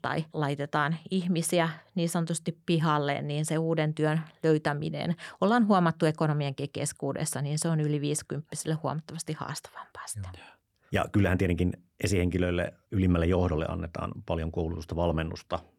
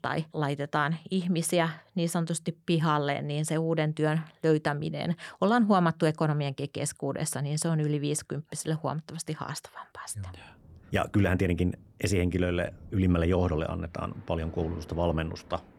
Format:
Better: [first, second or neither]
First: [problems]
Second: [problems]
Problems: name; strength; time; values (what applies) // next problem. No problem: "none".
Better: first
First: none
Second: rain or running water; faint; from 10 s on; 20 dB below the speech